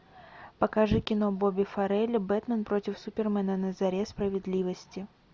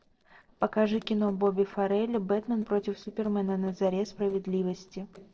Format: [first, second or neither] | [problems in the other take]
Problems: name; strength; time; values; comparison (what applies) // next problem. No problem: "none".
first | noise reduction (neural separator model SepFormer DNS4)